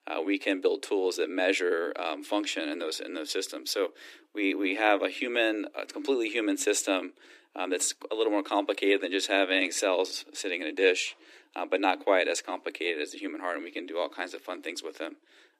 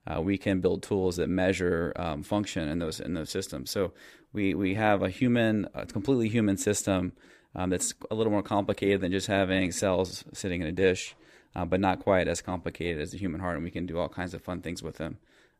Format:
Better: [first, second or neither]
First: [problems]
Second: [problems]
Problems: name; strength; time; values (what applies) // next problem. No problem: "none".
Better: second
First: thin; somewhat; fading below 300 Hz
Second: none